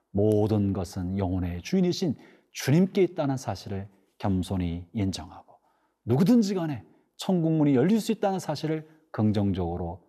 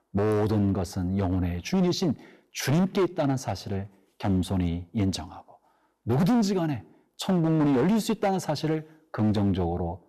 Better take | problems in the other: first | distortion; slight; 11% of the sound clipped

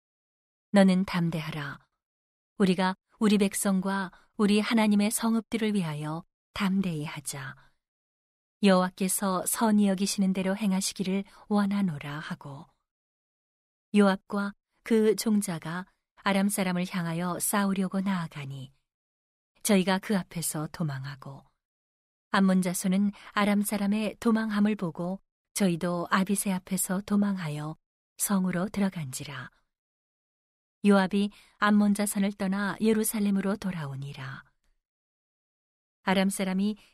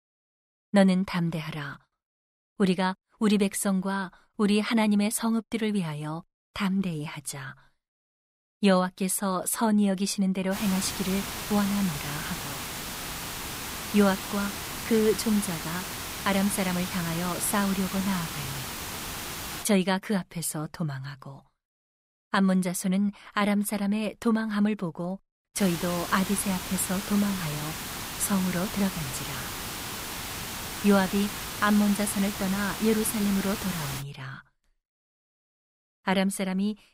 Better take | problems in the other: first | hiss; loud; from 11 to 20 s and from 26 to 34 s; 7 dB below the speech

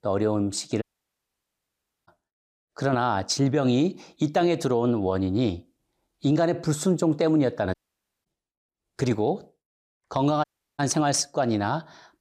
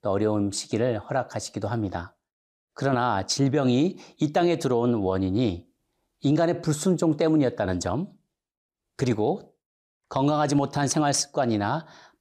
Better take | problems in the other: second | audio cutting out; at 1 s for 1.5 s, at 7.5 s for 0.5 s and at 10 s

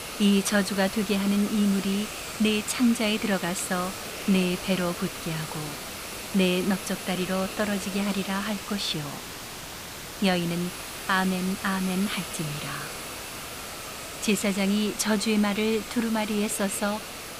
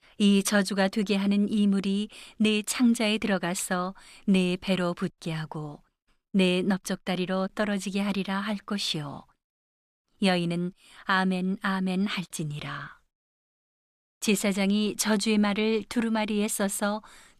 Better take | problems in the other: second | hiss; loud; throughout; 8 dB below the speech

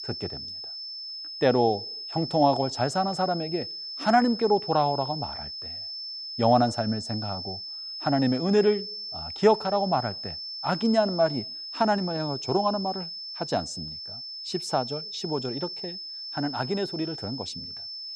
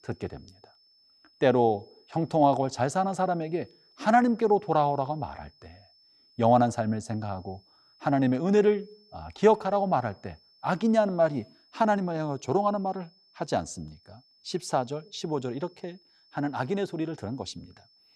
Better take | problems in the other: second | high-pitched whine; loud; throughout; 5 kHz, 8 dB below the speech; faint in the second

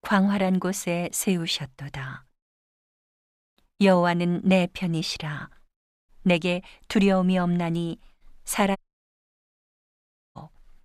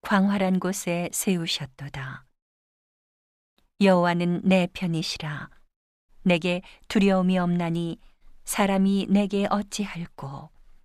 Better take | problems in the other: second | audio cutting out; at 9 s for 1.5 s

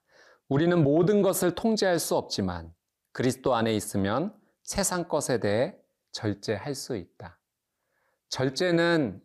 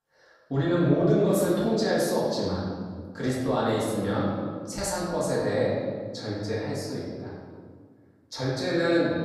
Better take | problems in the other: first | room echo; noticeable; dies away in 1.7 s // off-mic speech; far

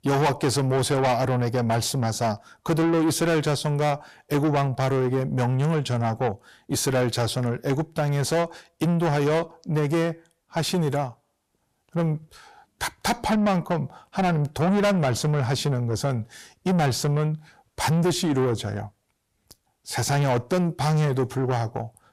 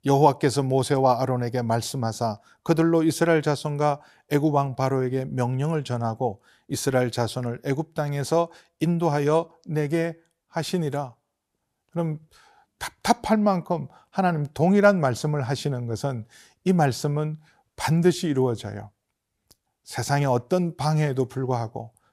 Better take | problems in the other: second | distortion; heavy; 7 dB below the speech

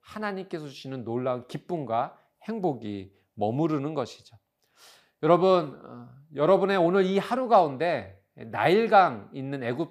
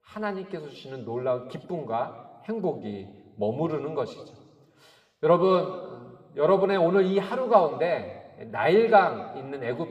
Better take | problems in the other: first | room echo; slight; dies away in 1.4 s

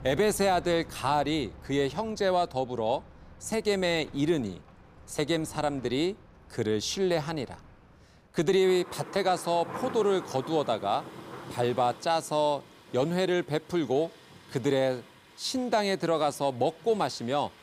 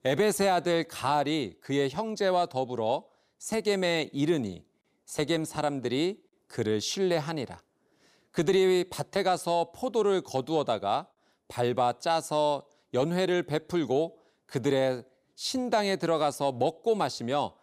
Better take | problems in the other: second | rain or running water; noticeable; throughout; 20 dB below the speech

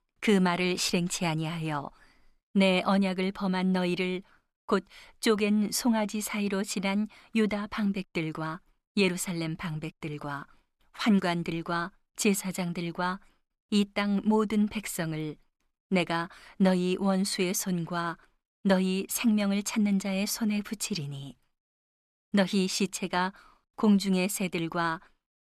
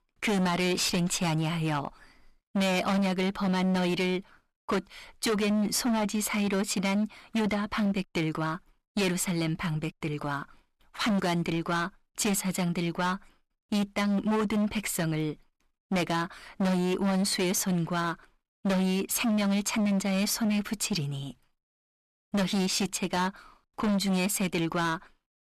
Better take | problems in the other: first | distortion; heavy; 19% of the sound clipped

